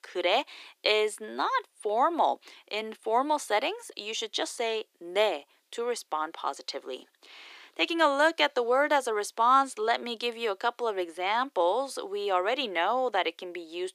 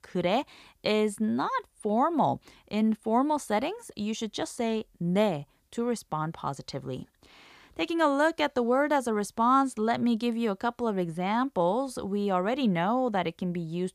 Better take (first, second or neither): second